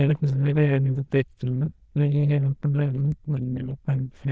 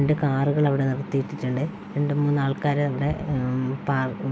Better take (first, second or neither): second